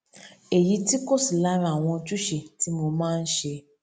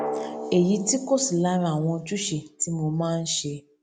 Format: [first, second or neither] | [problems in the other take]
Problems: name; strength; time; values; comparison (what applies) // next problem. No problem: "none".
first | background sound (Drum); 12 dB below the speech